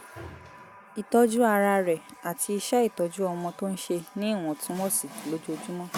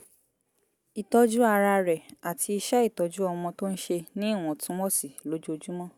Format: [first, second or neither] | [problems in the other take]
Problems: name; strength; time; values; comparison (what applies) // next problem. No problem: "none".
second | background sound (Water tap, faucet); 17 dB below the speech